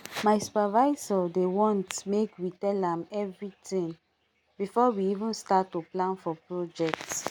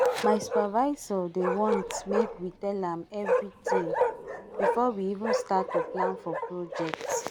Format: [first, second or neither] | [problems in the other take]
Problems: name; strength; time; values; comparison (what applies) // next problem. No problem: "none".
first | background sound (Bark); as loud as the speech